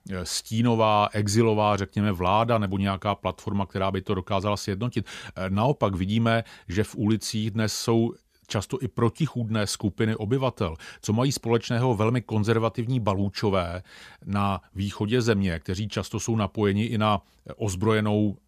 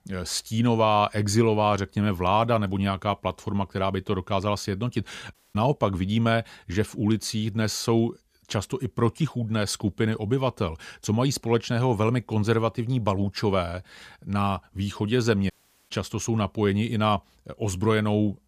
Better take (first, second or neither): first